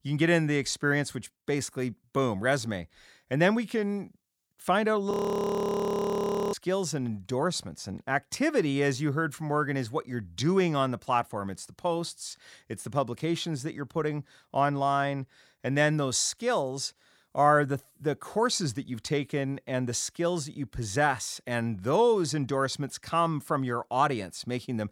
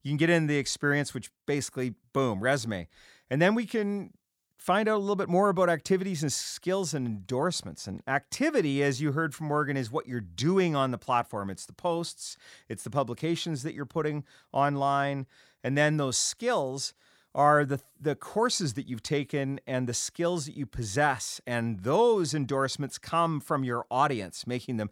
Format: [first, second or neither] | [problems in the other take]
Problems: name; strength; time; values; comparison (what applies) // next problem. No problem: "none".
second | audio freezing; at 5 s for 1.5 s